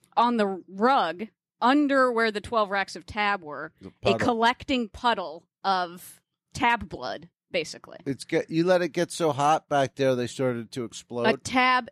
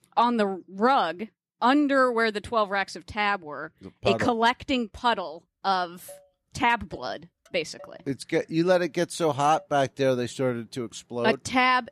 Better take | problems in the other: first | traffic noise; faint; from 5.5 s on; 30 dB below the speech

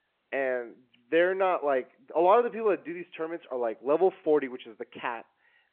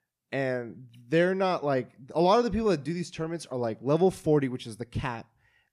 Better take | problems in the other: second | phone-call audio

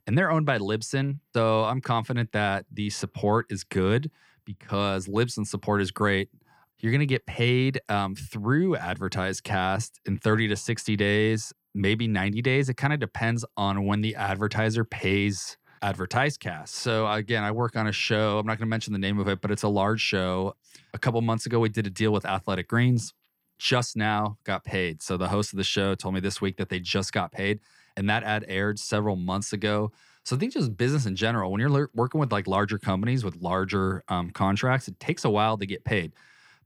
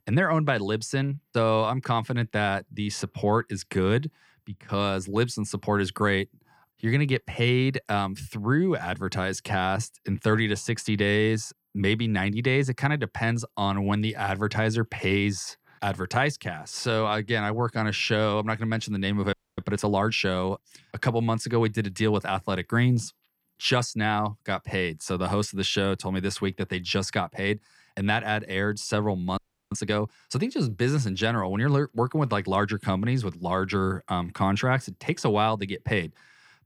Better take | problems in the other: first | audio freezing; at 19 s and at 29 s

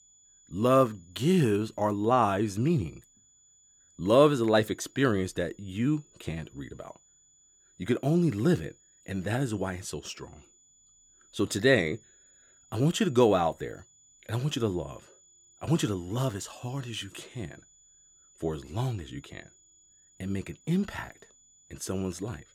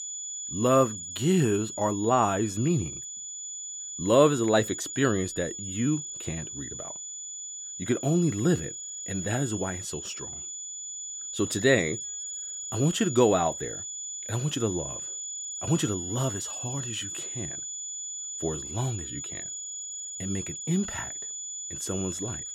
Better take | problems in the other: first | high-pitched whine; loud; throughout; 7 kHz, 7 dB below the speech; faint in the first

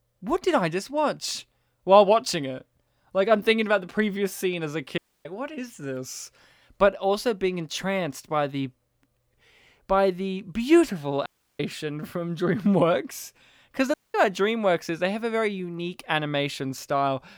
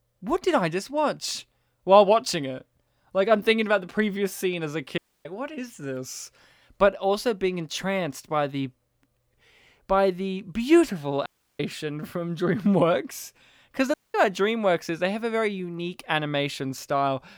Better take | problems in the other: neither | audio cutting out; at 5 s, at 11 s and at 14 s; the same in both

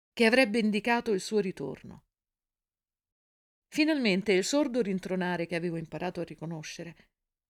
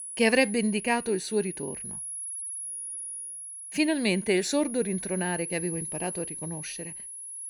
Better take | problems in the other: first | high-pitched whine; loud; throughout; 10.5 kHz, 7 dB below the speech

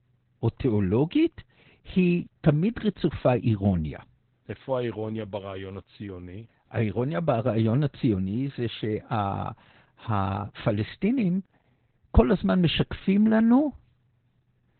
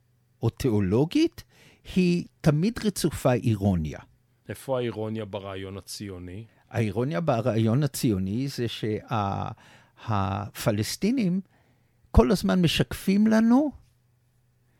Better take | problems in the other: second | garbled, watery; badly; nothing above 4 kHz

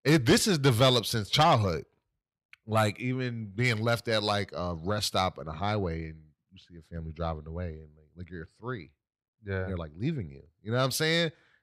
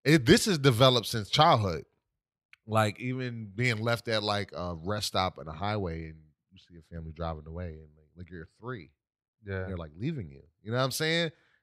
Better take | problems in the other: second | distortion; slight; 10 dB below the speech

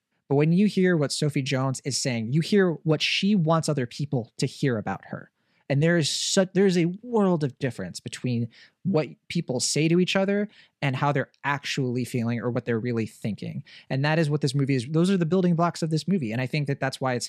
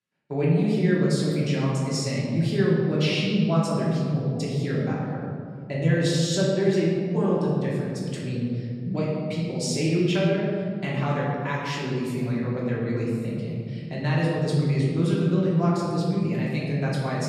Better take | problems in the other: first | room echo; noticeable; dies away in 2.5 s // off-mic speech; far

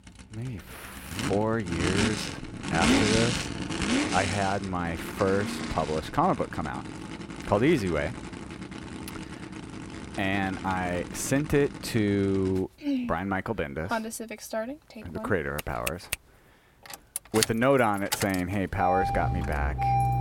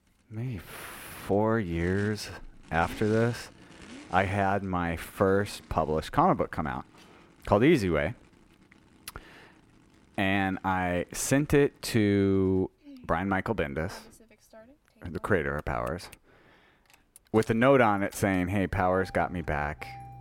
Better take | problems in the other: second | traffic noise; loud; throughout; 4 dB below the speech; faint in the second

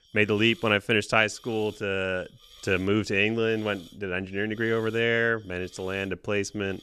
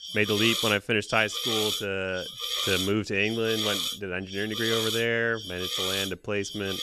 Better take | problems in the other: first | hiss; loud; throughout; 2 dB below the speech; faint in the first

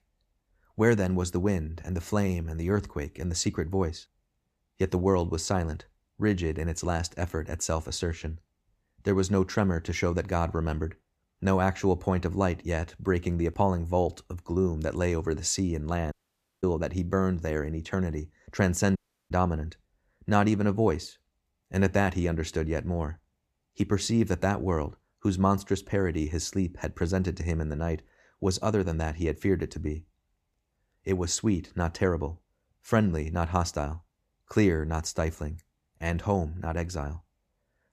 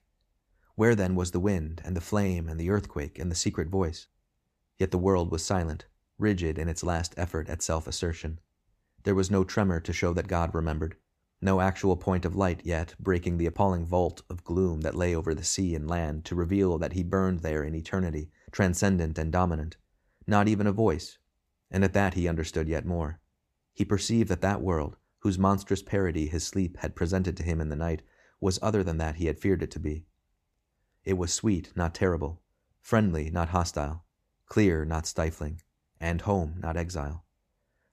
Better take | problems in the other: second | audio cutting out; at 16 s for 0.5 s and at 19 s

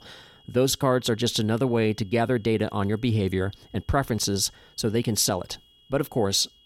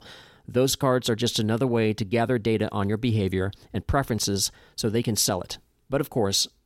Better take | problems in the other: second | high-pitched whine; faint; throughout; 3.5 kHz, 30 dB below the speech

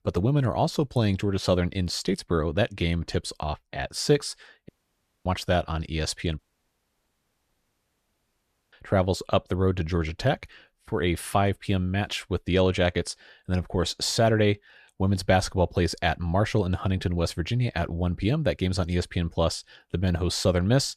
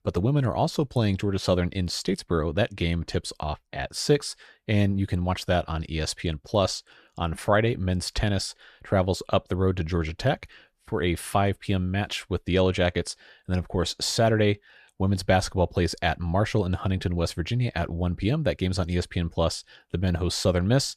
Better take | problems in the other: second | audio cutting out; at 4.5 s for 0.5 s and at 6.5 s for 2.5 s

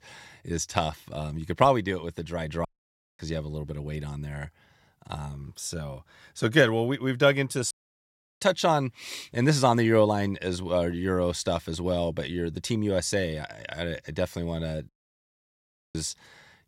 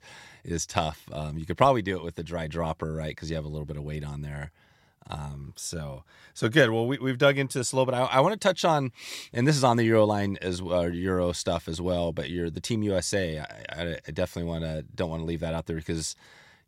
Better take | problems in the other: second | audio cutting out; at 2.5 s for 0.5 s, at 7.5 s for 0.5 s and at 15 s for 1 s

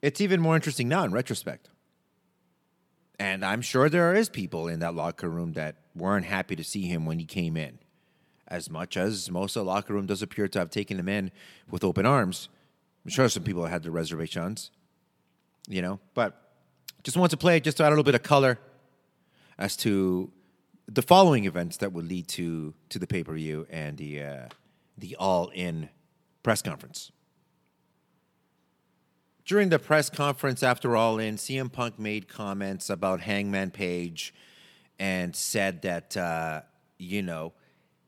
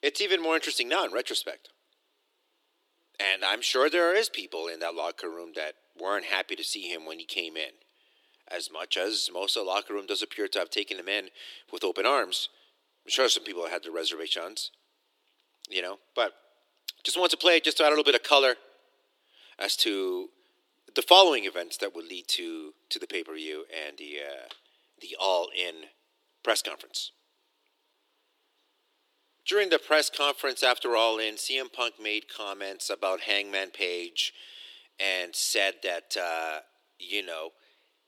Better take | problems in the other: first | thin; very; fading below 300 Hz

